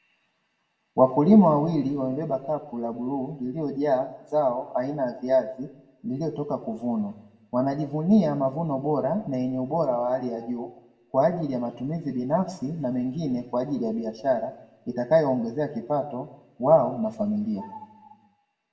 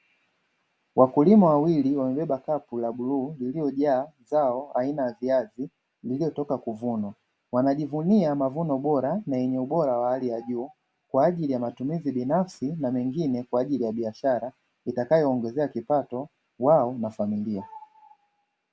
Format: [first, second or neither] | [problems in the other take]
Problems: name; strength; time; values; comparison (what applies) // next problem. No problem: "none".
second | room echo; dies away in 0.6 s